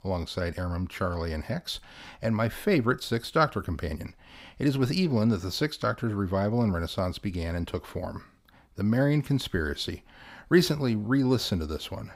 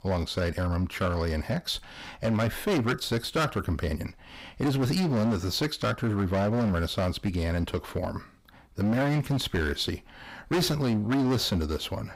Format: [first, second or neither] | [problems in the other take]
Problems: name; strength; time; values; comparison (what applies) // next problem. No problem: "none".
first | distortion; heavy; 14% of the sound clipped